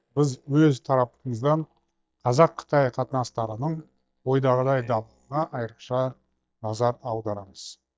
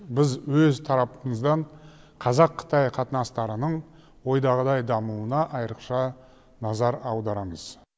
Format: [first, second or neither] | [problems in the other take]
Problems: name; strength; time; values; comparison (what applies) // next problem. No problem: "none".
second | noise reduction (neural mask model DeepFilterNet 3)